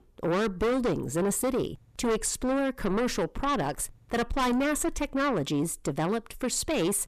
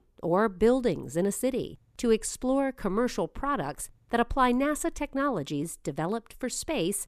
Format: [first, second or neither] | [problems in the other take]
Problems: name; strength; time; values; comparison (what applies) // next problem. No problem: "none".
second | distortion; heavy; 6 dB below the speech